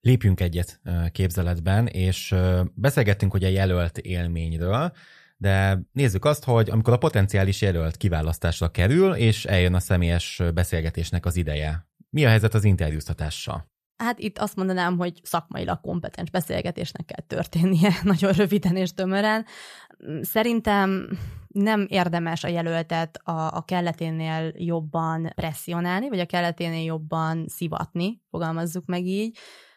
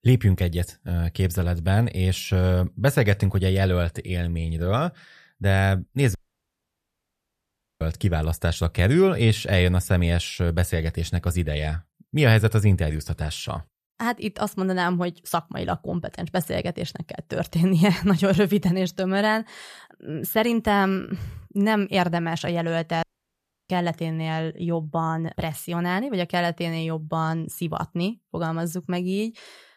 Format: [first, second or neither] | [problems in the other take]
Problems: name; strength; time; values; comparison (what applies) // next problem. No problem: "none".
first | audio cutting out; at 6 s for 1.5 s and at 23 s for 0.5 s